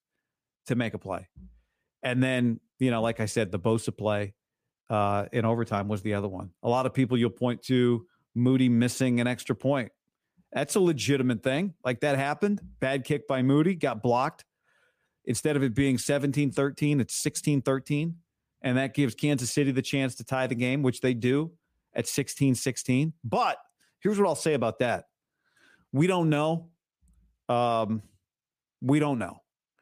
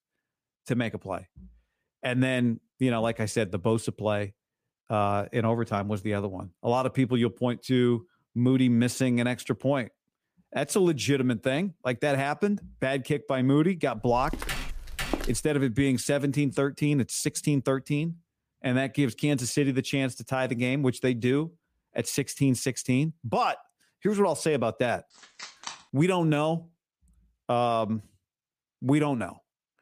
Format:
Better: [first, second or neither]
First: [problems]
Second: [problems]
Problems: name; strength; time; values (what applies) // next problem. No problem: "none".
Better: first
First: none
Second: footsteps; noticeable; from 14 to 15 s; peak 5 dB below the speech // phone ringing; faint; at 25 s; peak 10 dB below the speech